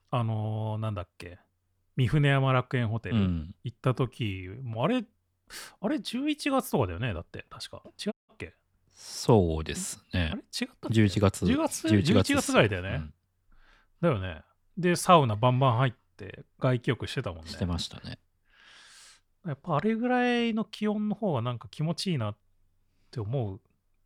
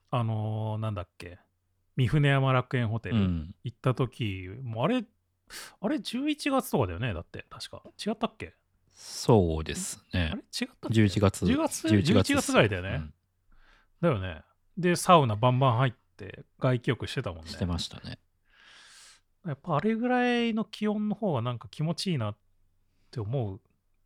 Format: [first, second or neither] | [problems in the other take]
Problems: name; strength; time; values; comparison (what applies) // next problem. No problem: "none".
second | audio cutting out; at 8 s